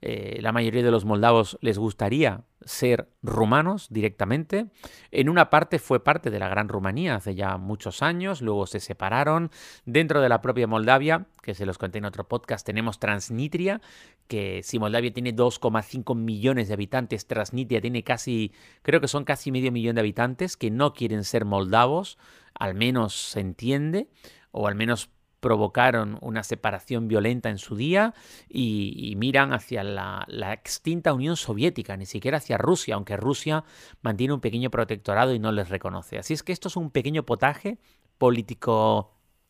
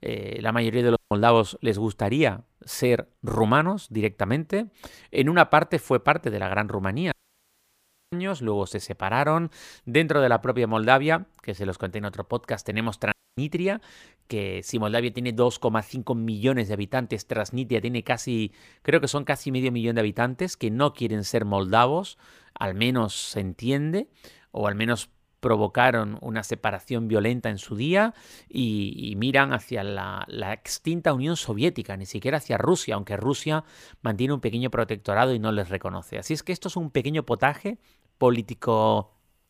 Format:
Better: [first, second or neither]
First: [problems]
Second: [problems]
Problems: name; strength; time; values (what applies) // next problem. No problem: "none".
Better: first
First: none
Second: audio cutting out; at 1 s, at 7 s for 1 s and at 13 s